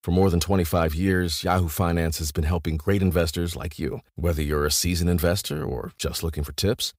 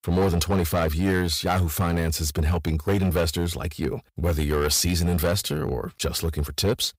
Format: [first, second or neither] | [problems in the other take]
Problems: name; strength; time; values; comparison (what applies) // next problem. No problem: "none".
first | distortion; slight; 7% of the sound clipped